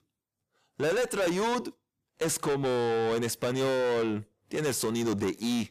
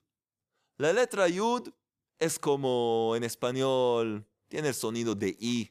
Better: second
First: distortion; heavy; 7 dB below the speech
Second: none

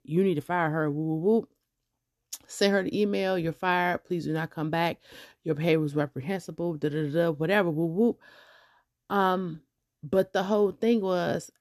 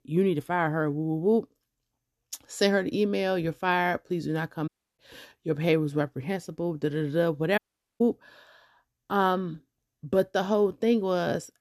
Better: first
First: none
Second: audio cutting out; at 4.5 s and at 7.5 s

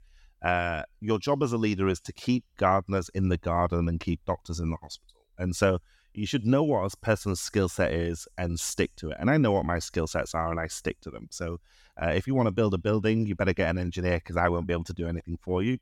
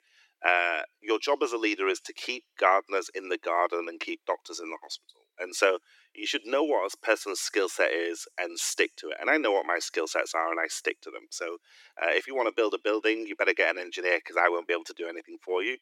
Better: first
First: none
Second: thin; very; fading below 300 Hz

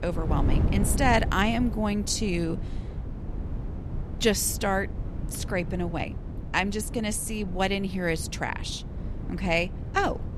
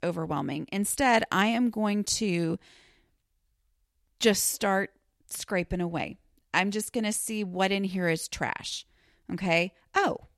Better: second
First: wind noise on the microphone; occasional gusts; 15 dB below the speech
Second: none

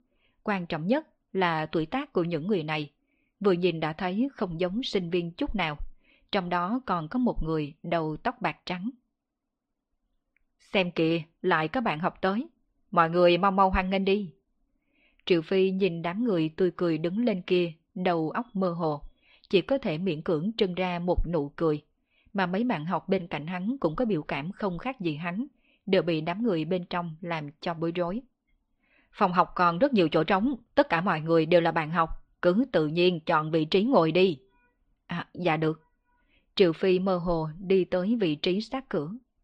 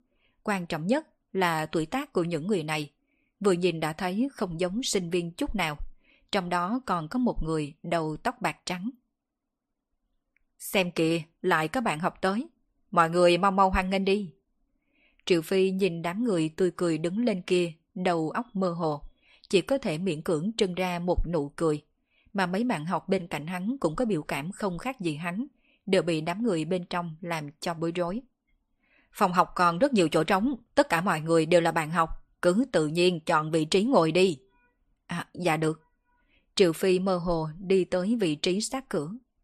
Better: second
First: muffled; very slightly; fading above 4 kHz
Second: none

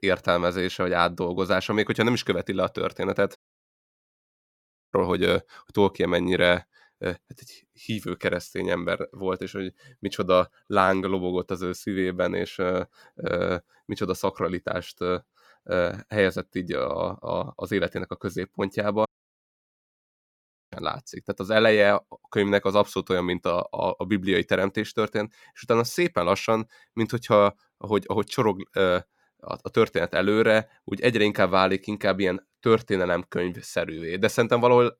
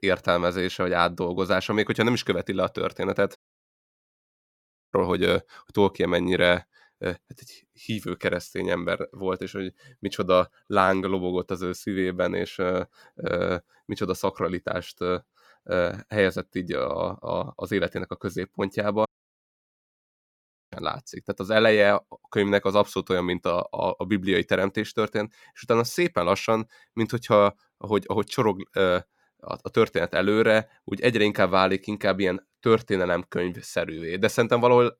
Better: neither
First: audio cutting out; at 3.5 s for 1.5 s and at 19 s for 1.5 s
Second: audio cutting out; at 3.5 s for 1.5 s and at 19 s for 1.5 s

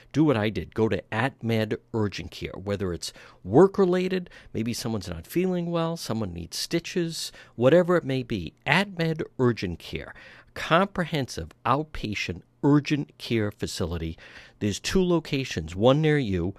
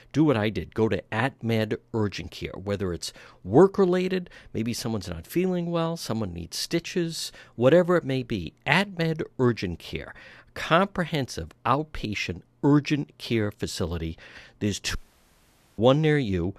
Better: first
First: none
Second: audio cutting out; at 15 s for 1 s

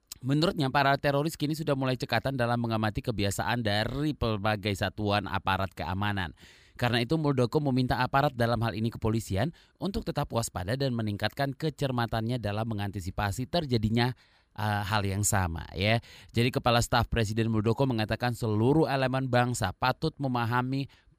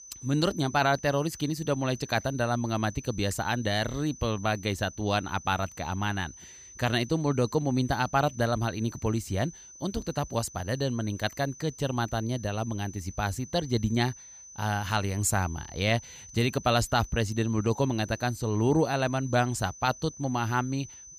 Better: first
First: none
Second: high-pitched whine; noticeable; throughout; 6 kHz, 15 dB below the speech

